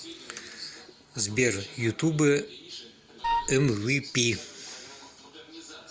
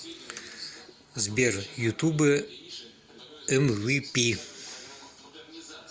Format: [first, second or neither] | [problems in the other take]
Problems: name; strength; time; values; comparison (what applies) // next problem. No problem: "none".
second | background sound (Wind instrument, woodwind instrument); as loud as the speech